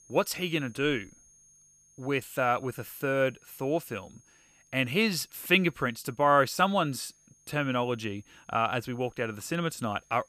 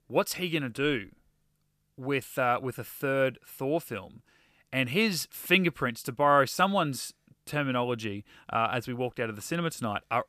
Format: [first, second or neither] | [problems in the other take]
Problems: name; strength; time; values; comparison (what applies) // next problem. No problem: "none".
second | high-pitched whine; faint; throughout; 6.5 kHz, 30 dB below the speech